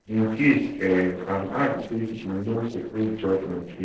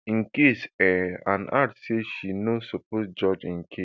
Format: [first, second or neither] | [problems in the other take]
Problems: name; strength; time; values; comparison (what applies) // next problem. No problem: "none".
second | noise reduction (neural separator model SepFormer DNS4)